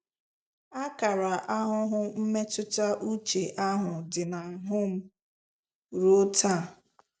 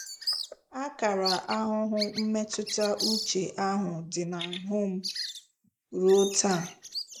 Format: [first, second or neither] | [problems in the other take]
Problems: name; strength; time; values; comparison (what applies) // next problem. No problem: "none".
first | noise reduction (neural mask model Resemble Enhance denoiser)